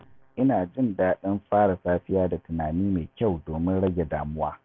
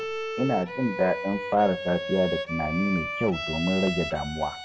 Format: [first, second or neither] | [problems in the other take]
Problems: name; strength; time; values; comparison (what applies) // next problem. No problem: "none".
first | background sound (Bowed string instrument); 6 dB below the speech // room echo; dies away in 0.3 s